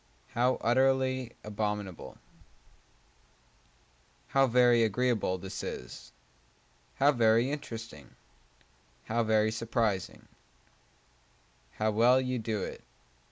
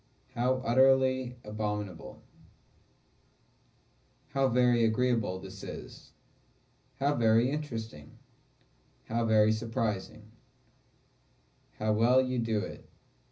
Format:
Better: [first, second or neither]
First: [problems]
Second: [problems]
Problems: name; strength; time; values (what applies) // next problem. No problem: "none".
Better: first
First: none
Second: room echo; dies away in 0.4 s